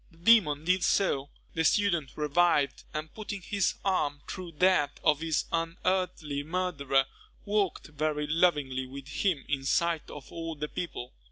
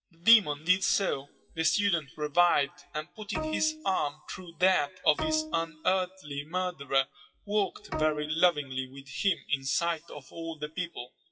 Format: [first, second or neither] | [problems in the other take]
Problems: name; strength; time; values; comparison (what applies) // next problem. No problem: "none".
first | noise reduction (classical method WPE with log-MMSE)